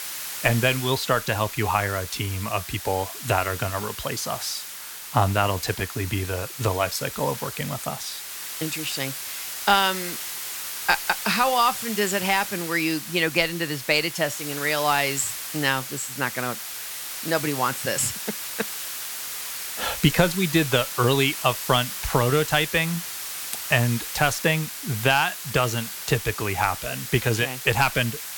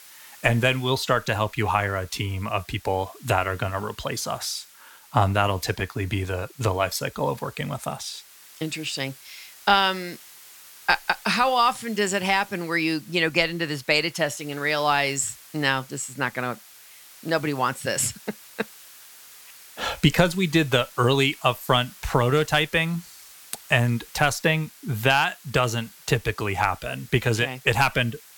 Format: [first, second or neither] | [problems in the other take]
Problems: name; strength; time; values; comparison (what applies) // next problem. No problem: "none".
second | hiss; loud; throughout; 7 dB below the speech; faint in the second